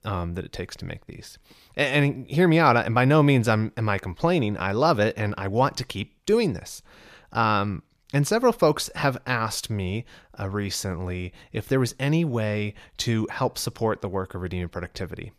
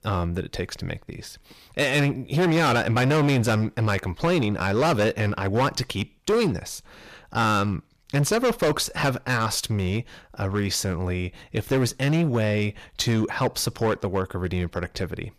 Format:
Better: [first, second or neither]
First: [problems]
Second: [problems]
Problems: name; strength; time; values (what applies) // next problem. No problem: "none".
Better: first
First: none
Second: distortion; heavy; 11% of the sound clipped